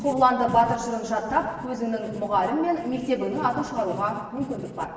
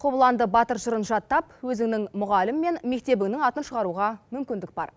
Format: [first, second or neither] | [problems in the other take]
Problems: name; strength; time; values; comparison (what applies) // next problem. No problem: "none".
second | background sound (Writing); 15 dB below the speech // room echo; dies away in 1.2 s